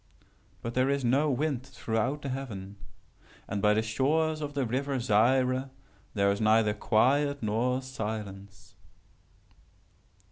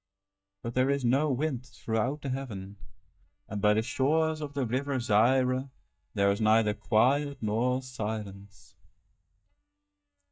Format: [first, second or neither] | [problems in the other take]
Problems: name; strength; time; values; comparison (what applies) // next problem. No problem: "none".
first | noise reduction (neural mask model DeepFilterNet 3)